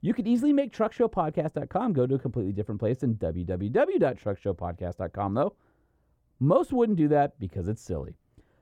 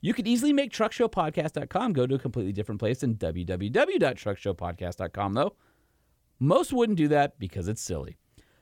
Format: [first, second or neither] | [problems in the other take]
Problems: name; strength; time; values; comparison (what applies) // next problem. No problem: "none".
second | muffled; slightly; fading above 1.5 kHz